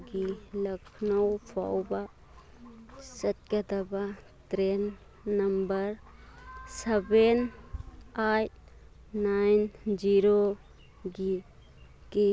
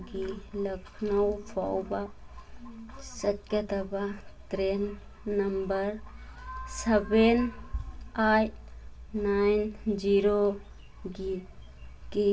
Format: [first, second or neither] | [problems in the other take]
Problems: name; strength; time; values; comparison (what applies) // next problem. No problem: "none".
first | room echo; dies away in 0.2 s